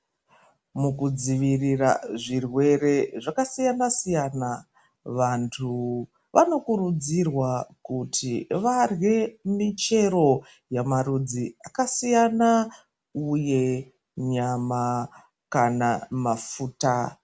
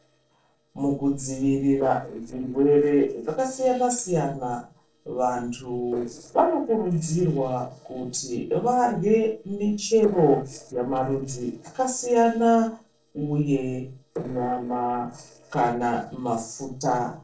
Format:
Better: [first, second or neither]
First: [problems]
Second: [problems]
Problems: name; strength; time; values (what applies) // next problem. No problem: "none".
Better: first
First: none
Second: noise reduction (neural separator model SepFormer DNS4)